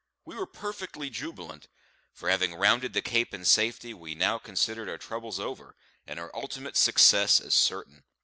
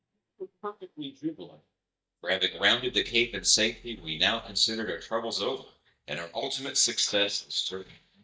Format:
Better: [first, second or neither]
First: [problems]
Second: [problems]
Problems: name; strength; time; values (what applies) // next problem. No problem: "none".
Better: first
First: none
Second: noise reduction (neural mask model DeepFilterNet 3)